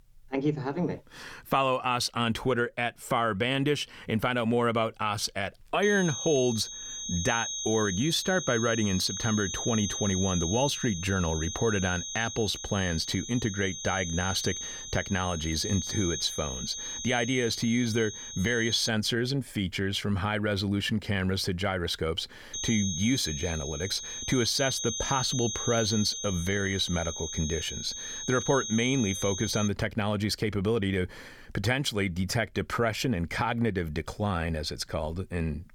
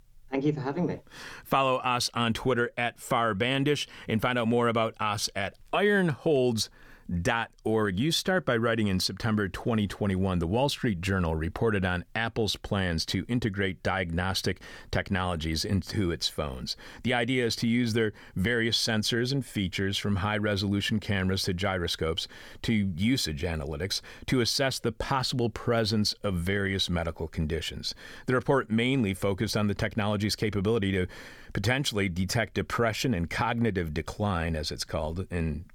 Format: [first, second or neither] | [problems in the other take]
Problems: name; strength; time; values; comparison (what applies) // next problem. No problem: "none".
second | high-pitched whine; loud; from 6 to 19 s and from 23 to 30 s; 6.5 kHz, 5 dB below the speech